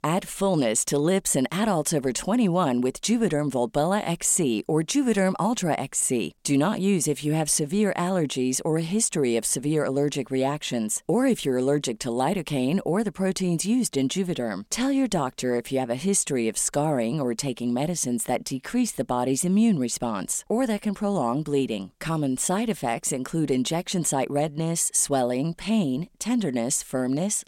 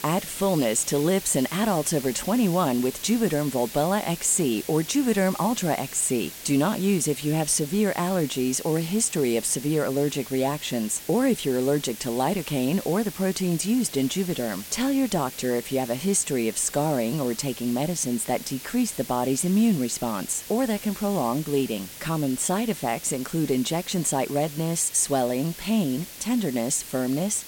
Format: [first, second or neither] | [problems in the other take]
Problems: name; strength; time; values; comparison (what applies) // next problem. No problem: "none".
first | hiss; noticeable; throughout; 10 dB below the speech